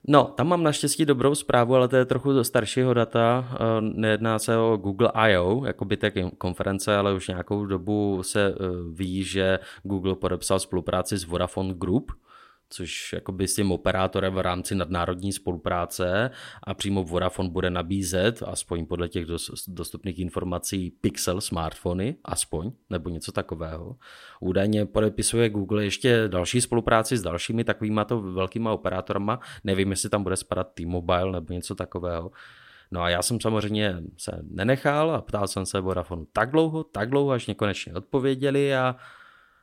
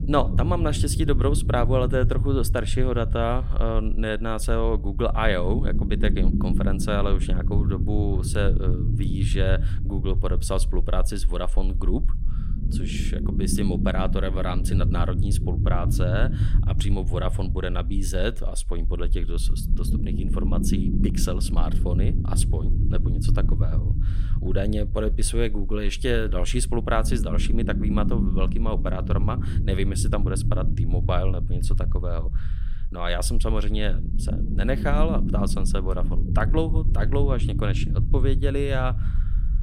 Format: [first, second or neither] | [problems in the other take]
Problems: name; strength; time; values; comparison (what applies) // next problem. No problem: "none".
first | low rumble; loud; throughout; 9 dB below the speech